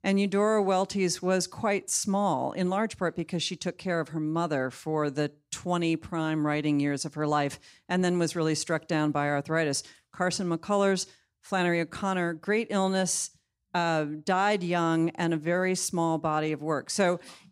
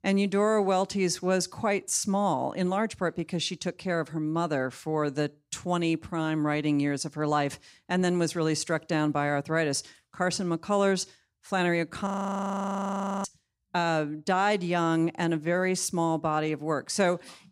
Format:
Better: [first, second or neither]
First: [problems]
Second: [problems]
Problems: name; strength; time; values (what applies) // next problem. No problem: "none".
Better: first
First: none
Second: audio freezing; at 12 s for 1 s